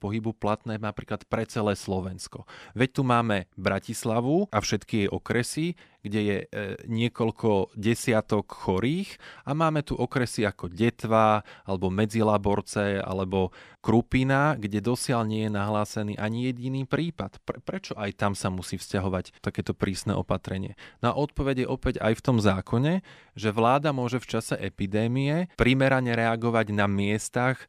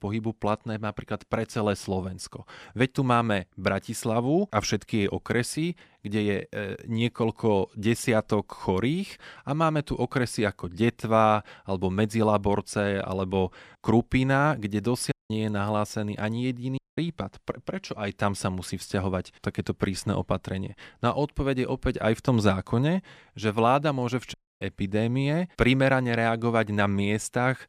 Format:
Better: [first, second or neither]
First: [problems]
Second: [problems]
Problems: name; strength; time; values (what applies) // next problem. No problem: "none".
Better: first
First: none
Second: audio cutting out; at 15 s, at 17 s and at 24 s